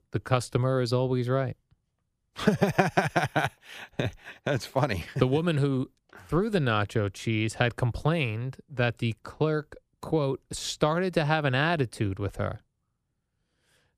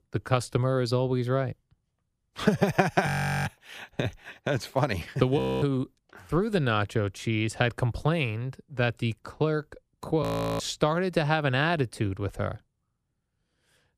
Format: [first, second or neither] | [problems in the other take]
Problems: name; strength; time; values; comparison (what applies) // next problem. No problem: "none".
first | audio freezing; at 3 s, at 5.5 s and at 10 s